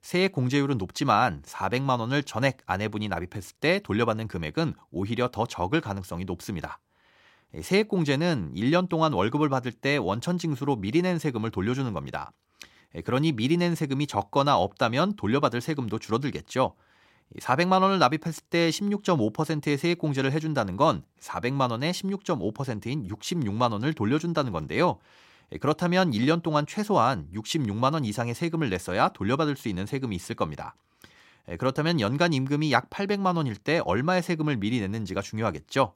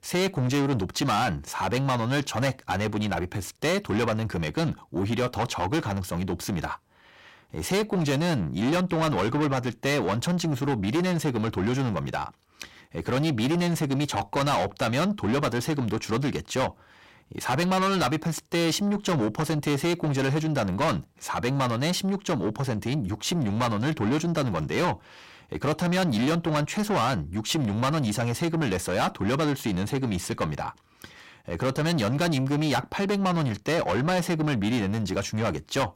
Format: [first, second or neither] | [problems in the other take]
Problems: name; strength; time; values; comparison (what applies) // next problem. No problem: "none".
first | distortion; heavy; 6 dB below the speech